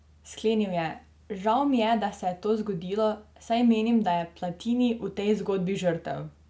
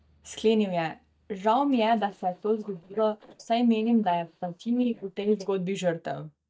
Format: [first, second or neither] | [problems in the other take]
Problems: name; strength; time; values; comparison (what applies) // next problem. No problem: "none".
first | noise reduction (neural mask model DeepFilterNet 3)